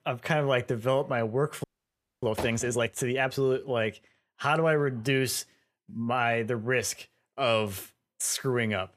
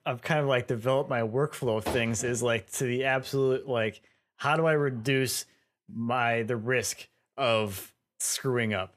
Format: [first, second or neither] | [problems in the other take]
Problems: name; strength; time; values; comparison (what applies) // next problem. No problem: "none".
second | audio freezing; at 1.5 s for 0.5 s